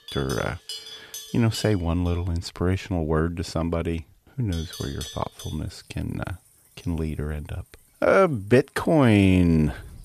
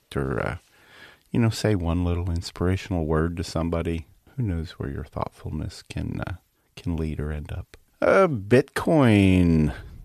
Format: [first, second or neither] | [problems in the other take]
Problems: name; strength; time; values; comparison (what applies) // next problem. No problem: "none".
second | animal sounds; noticeable; throughout; 15 dB below the speech